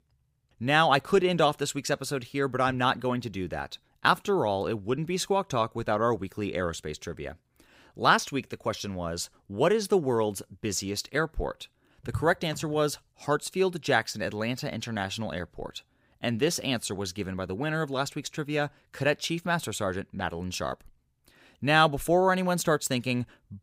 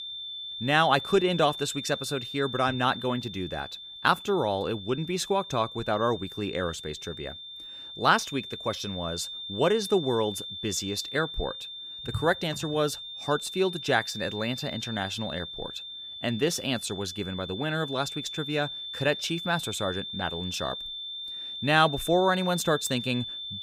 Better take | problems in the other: first | high-pitched whine; loud; throughout; 3.5 kHz, 8 dB below the speech

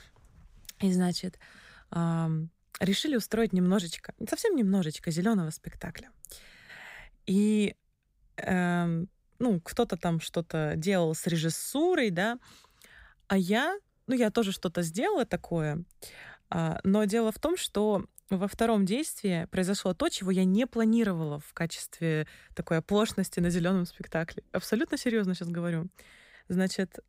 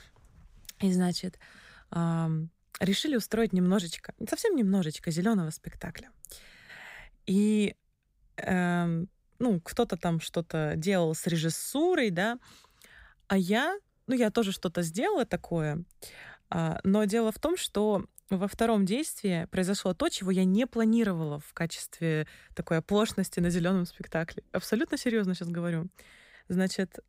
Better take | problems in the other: neither | none

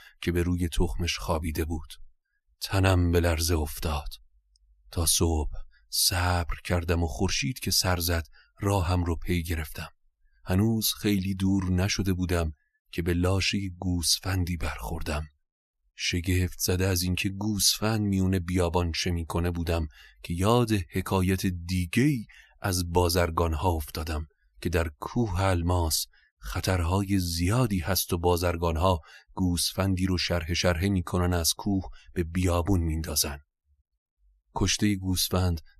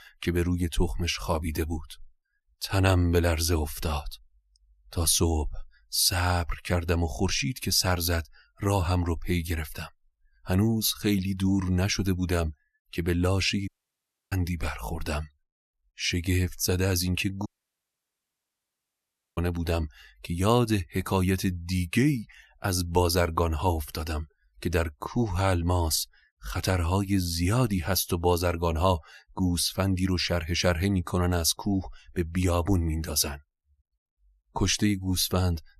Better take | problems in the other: first | audio cutting out; at 14 s for 0.5 s and at 17 s for 2 s

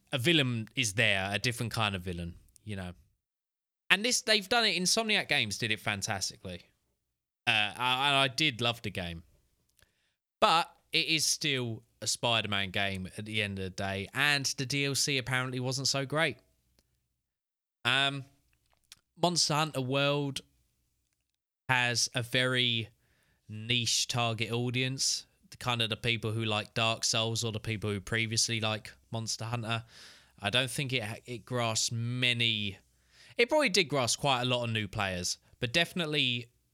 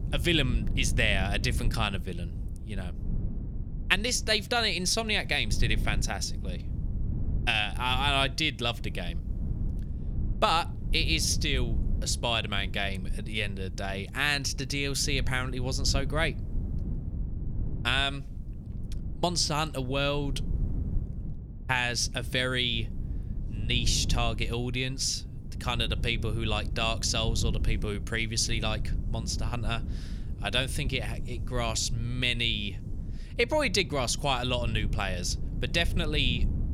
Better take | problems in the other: first | low rumble; noticeable; throughout; 20 dB below the speech

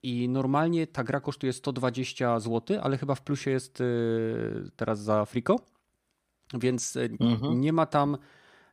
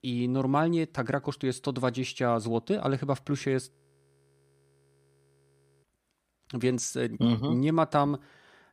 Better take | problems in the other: first | audio freezing; at 3.5 s for 2 s

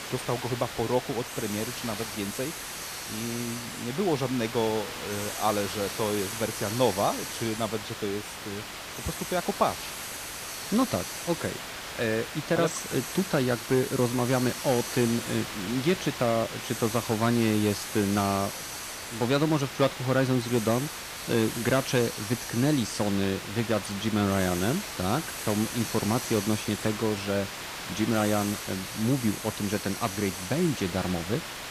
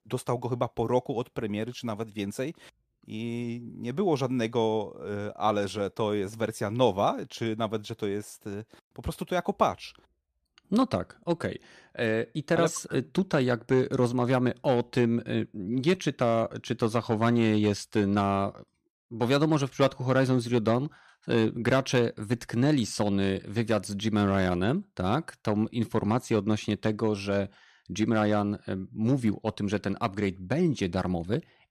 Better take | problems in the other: second | hiss; loud; throughout; 6 dB below the speech

